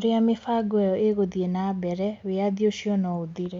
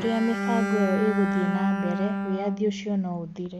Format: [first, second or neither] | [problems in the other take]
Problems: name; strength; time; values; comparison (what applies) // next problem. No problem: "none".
first | background sound (Bowed string instrument); as loud as the speech